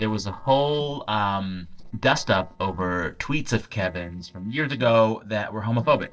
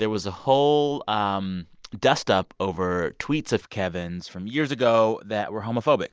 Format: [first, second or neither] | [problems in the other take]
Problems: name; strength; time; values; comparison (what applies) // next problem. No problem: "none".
second | noise reduction (neural separator model SepFormer DNS4)